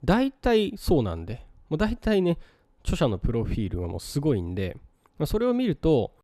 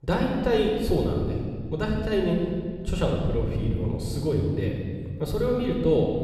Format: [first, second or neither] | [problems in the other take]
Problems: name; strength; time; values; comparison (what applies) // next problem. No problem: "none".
first | room echo; noticeable; dies away in 2 s // off-mic speech; somewhat distant